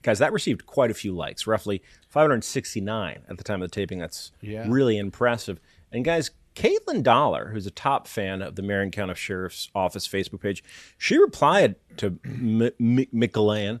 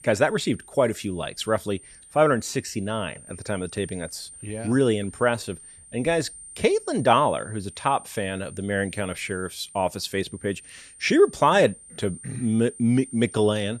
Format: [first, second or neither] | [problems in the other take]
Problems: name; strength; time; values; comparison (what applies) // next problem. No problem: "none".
first | high-pitched whine; noticeable; throughout; 9 kHz, 20 dB below the speech